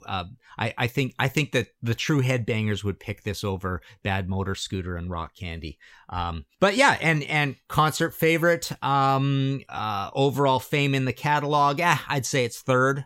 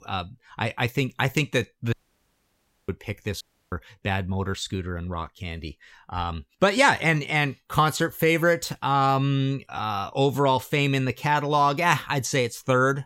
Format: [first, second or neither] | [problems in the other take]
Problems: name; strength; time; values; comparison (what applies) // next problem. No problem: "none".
first | audio cutting out; at 2 s for 1 s and at 3.5 s